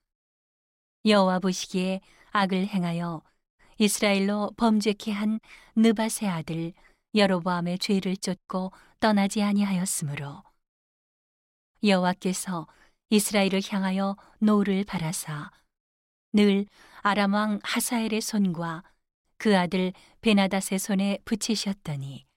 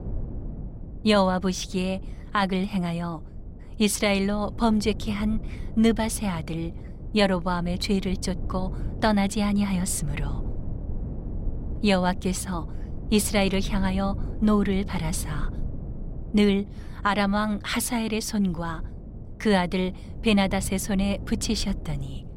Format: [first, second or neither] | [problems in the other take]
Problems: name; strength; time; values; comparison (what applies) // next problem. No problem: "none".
first | low rumble; noticeable; throughout; 20 dB below the speech